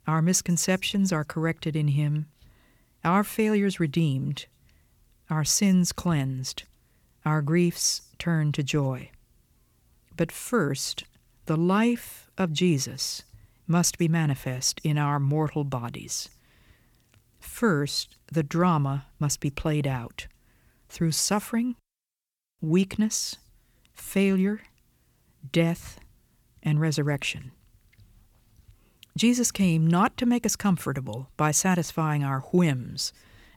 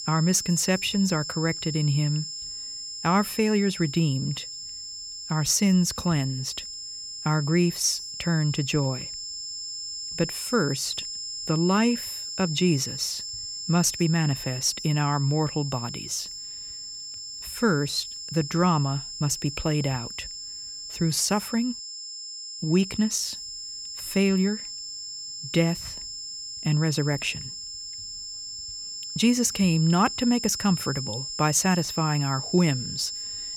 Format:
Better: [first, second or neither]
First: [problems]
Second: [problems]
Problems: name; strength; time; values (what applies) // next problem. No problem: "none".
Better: first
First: none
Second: high-pitched whine; loud; throughout; 5 kHz, 8 dB below the speech